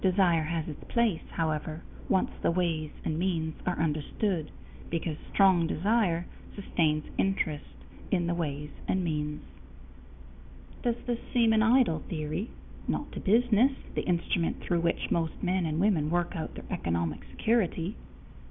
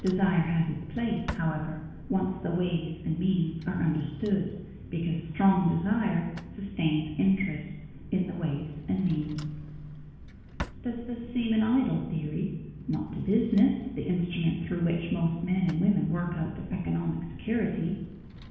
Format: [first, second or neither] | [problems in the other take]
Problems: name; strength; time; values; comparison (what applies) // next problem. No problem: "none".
first | background sound (Drawer open or close); 19 dB below the speech // room echo; dies away in 1.1 s